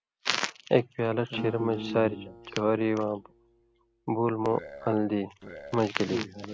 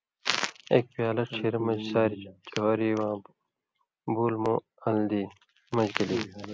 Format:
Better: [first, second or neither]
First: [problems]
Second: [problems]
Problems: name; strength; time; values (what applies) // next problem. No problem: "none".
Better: second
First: background sound (Burping, eructation + Acoustic guitar); 16 dB below the speech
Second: none